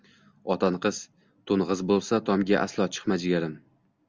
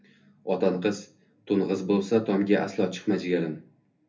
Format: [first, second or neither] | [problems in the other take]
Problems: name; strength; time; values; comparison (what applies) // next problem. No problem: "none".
first | room echo; dies away in 0.3 s